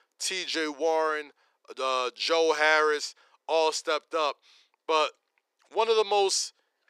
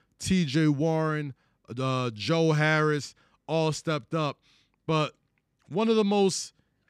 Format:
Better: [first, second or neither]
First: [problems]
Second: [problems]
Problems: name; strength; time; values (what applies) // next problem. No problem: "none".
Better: second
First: thin; very; fading below 400 Hz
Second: none